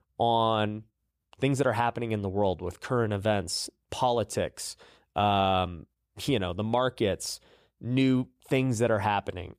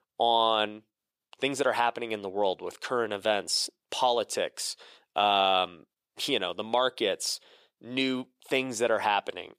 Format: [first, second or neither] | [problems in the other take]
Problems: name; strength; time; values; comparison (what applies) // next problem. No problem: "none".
first | thin; somewhat; fading below 350 Hz